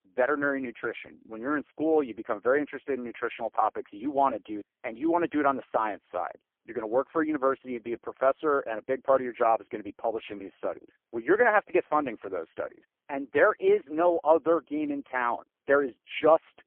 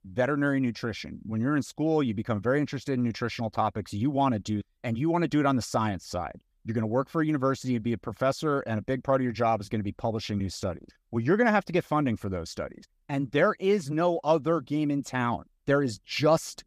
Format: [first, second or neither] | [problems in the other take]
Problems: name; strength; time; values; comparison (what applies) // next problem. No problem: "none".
second | phone-call audio; poor line; nothing above 3 kHz